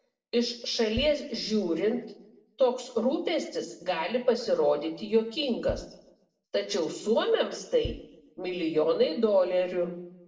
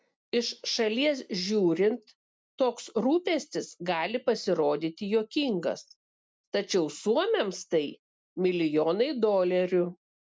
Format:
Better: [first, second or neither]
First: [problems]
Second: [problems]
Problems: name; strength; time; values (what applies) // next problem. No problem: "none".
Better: second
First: noise reduction (neural separator model SepFormer DNS4)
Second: none